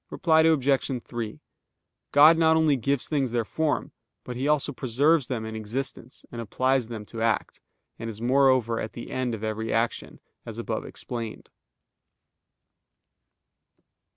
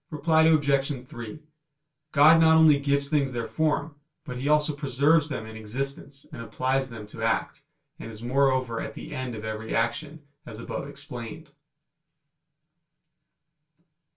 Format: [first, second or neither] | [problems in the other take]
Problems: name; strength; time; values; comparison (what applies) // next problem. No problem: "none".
first | room echo; dies away in 0.2 s